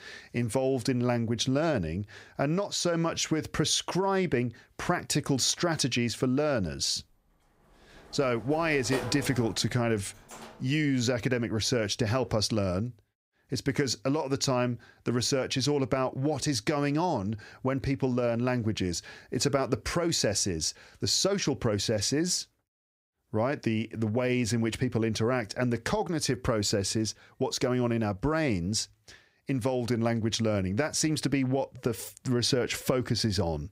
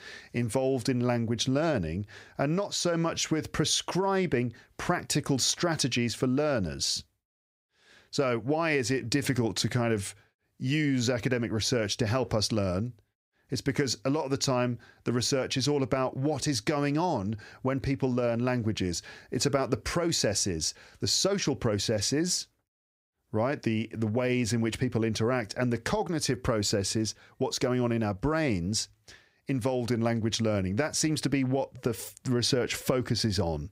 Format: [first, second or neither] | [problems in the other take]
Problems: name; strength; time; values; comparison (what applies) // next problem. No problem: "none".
second | door banging; noticeable; from 8 to 11 s; peak 7 dB below the speech